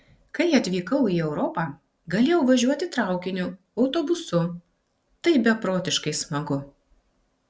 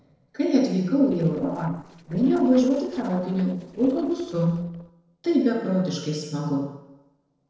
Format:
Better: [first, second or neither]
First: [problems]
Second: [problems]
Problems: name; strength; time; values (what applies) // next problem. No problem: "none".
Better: first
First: none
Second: noise reduction (neural separator model SepFormer DNS4)